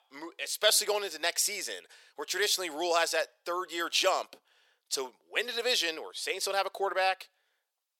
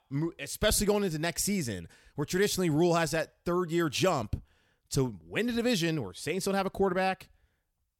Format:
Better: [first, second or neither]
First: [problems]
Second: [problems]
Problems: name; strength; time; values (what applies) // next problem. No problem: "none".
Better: second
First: thin; very; fading below 500 Hz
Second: none